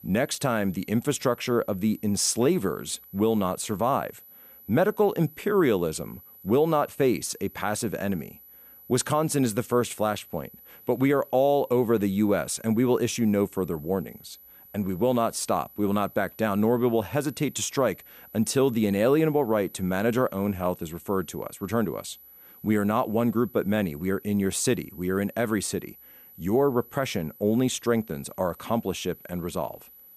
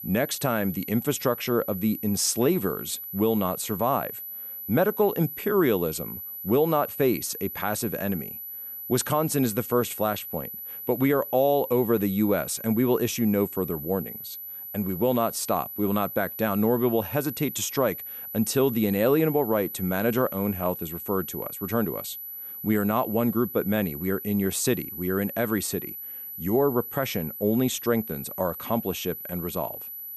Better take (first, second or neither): first